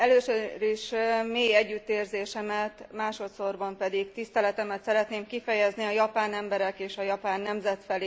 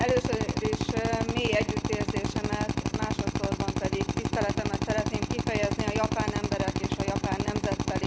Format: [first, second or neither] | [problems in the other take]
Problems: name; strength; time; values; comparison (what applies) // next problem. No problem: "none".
first | background sound (Drill); 3 dB above the speech